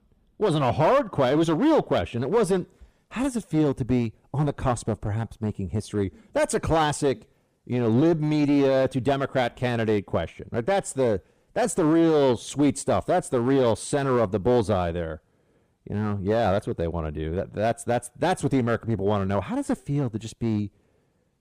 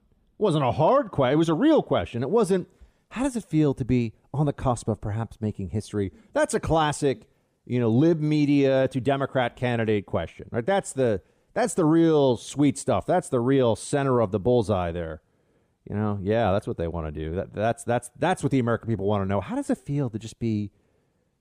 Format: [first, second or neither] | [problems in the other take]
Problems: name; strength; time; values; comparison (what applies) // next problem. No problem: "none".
second | distortion; slight; 7% of the sound clipped